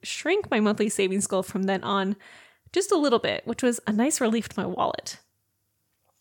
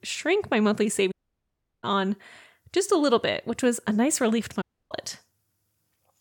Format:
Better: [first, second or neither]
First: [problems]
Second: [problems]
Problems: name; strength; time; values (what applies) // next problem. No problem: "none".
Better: first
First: none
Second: audio cutting out; at 1 s for 0.5 s and at 4.5 s